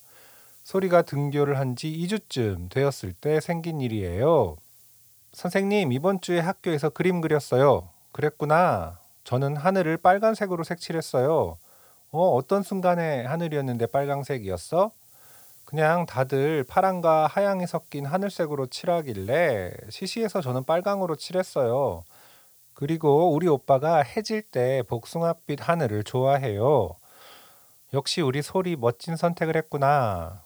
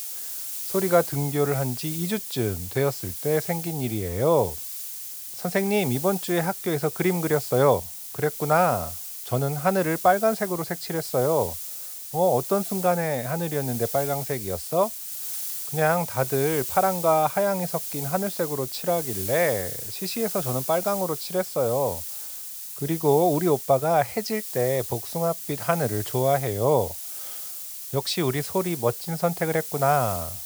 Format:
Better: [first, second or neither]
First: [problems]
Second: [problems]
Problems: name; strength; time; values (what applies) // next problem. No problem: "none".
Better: first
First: hiss; faint; throughout; 25 dB below the speech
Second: hiss; loud; throughout; 6 dB below the speech